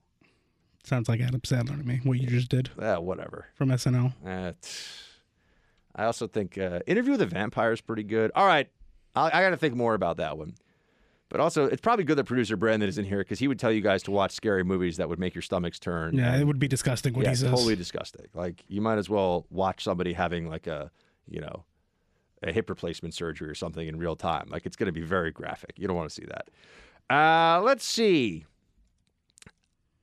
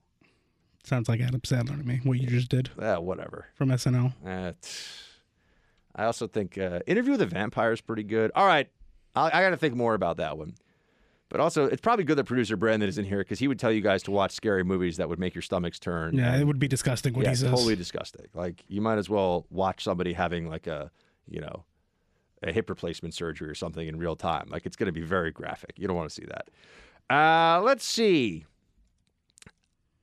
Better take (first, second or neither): neither